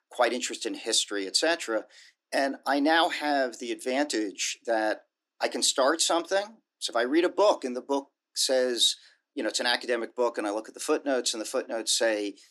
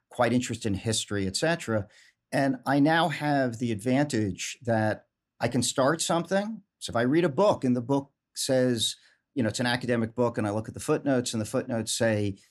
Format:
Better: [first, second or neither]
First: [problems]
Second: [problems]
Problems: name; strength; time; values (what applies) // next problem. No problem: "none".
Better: second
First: thin; somewhat; fading below 300 Hz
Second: none